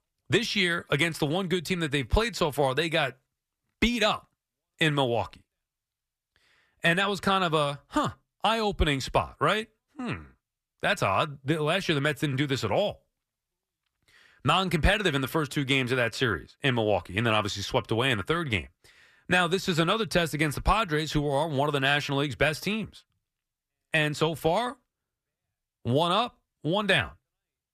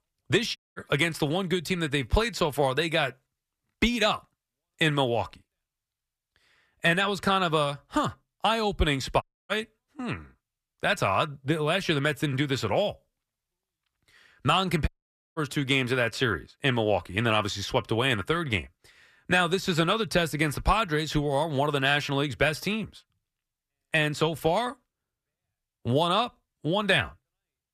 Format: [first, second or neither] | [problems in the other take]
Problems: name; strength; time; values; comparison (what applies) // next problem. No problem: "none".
first | audio cutting out; at 0.5 s, at 9 s and at 15 s